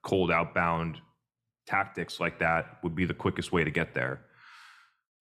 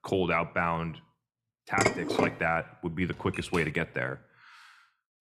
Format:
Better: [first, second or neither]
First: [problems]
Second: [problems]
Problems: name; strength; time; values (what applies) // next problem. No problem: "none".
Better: first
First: none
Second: clattering dishes; loud; at 2 s; peak 2 dB above the speech // keyboard typing; noticeable; at 3 s; peak 9 dB below the speech